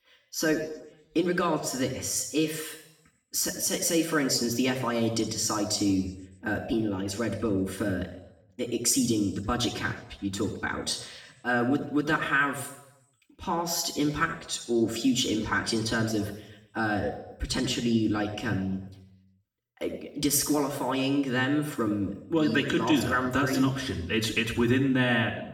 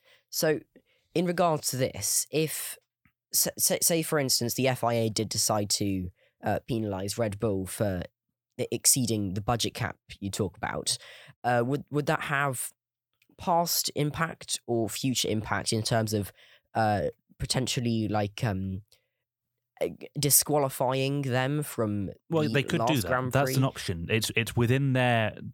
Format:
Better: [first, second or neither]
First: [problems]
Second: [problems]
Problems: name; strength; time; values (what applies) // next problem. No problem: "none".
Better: second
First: room echo; slight; dies away in 0.8 s // off-mic speech; far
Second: none